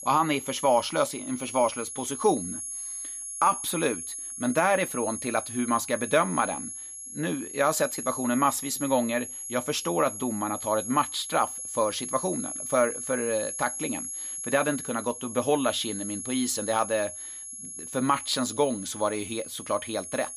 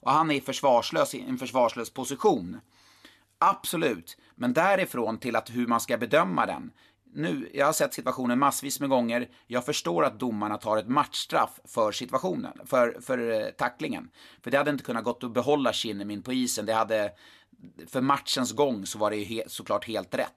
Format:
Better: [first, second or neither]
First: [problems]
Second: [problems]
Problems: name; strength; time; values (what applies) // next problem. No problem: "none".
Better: second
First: high-pitched whine; loud; throughout; 11 kHz, 7 dB below the speech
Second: none